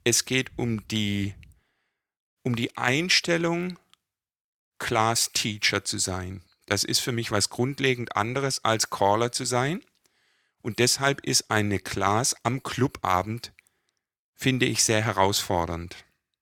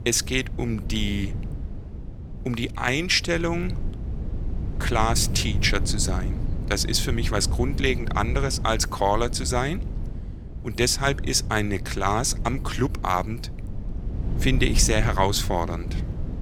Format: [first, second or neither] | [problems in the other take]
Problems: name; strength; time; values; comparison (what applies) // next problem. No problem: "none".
first | wind noise on the microphone; occasional gusts; 15 dB below the speech